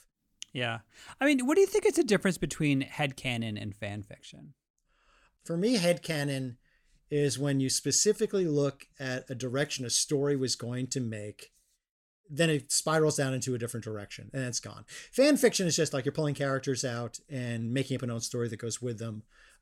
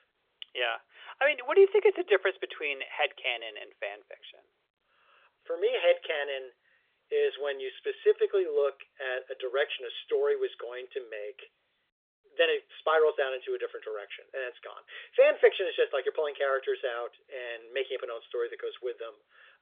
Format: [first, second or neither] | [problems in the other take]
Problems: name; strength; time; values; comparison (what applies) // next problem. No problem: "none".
first | phone-call audio; nothing above 3.5 kHz